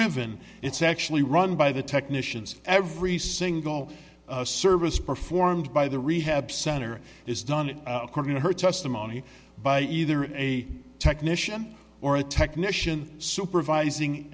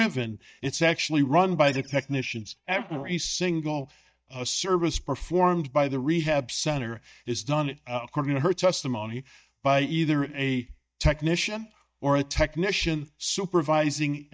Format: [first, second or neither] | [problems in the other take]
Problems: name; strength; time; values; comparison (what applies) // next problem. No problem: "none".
first | noise reduction (neural mask model DeepFilterNet 3)